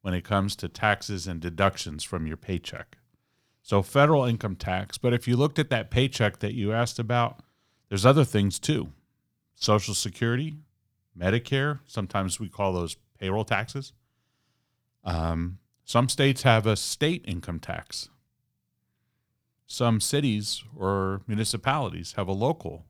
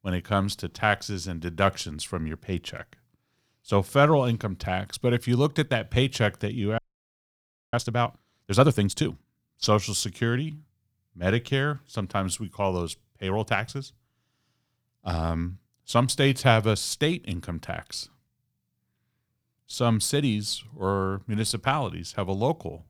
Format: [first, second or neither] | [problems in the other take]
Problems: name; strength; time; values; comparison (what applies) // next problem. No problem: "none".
first | audio freezing; at 7 s for 1 s